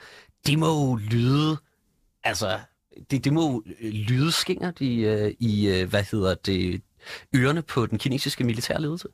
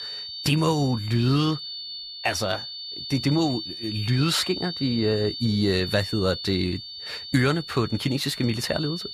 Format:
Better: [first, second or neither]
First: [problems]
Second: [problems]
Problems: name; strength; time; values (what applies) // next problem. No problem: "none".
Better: first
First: none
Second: high-pitched whine; loud; throughout; 4.5 kHz, 8 dB below the speech